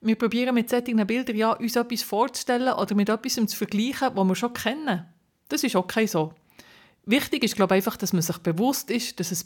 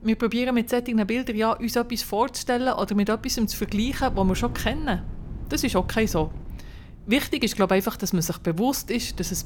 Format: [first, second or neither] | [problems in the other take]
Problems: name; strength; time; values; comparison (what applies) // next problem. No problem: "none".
first | wind noise on the microphone; occasional gusts; 25 dB below the speech